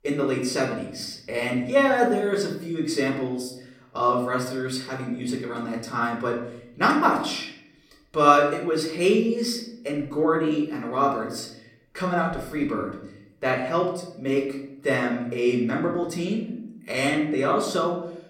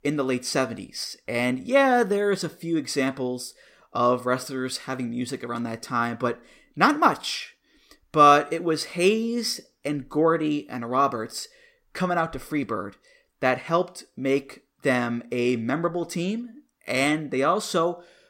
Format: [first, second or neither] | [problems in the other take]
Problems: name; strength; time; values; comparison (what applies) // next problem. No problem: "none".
second | off-mic speech; somewhat distant // room echo; slight; dies away in 0.7 s